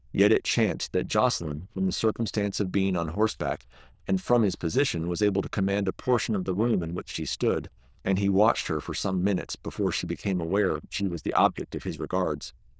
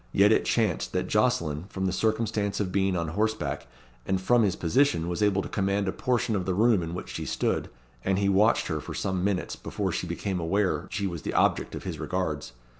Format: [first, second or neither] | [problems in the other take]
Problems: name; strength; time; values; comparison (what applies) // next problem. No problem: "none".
second | noise reduction (neural diffusion model UNIVERSE++)